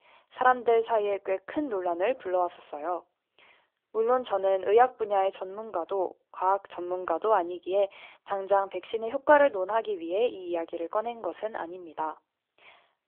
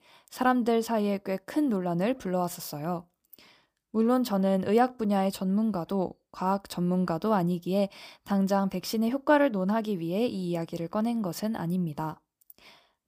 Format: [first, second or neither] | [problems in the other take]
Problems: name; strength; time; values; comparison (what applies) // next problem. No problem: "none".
second | phone-call audio; nothing above 3.5 kHz